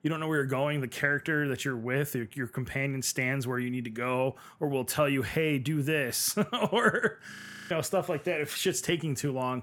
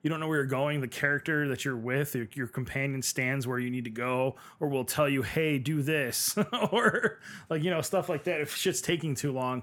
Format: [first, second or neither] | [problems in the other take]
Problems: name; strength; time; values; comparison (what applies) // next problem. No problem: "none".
second | audio freezing; at 7.5 s